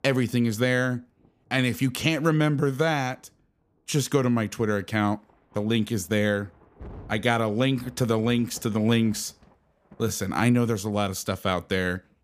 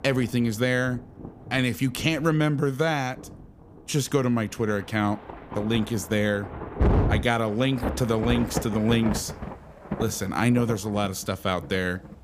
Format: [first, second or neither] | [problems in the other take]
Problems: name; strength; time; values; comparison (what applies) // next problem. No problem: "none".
first | rain or running water; loud; throughout; 7 dB below the speech; faint in the first